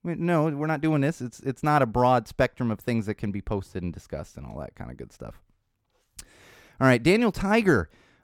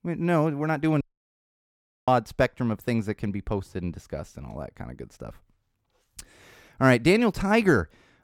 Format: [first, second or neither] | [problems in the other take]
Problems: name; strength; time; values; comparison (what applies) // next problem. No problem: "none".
first | audio cutting out; at 1 s for 1 s